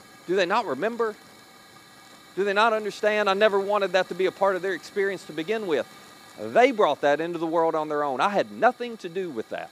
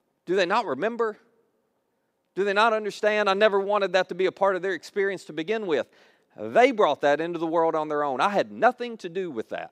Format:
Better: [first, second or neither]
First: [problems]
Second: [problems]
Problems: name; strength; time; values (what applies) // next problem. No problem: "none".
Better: second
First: hiss; faint; throughout; 25 dB below the speech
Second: none